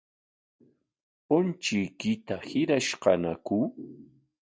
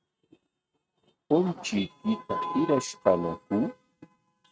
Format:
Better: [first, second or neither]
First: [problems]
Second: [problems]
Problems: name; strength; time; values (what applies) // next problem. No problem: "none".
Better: first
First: none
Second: noise reduction (neural mask model RNNoise)